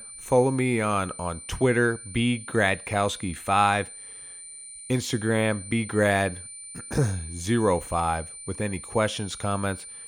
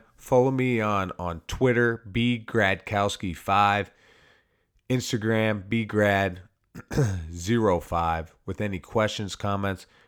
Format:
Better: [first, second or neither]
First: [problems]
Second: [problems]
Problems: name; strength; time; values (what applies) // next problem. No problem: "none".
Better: second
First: high-pitched whine; noticeable; throughout; 9 kHz, 15 dB below the speech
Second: none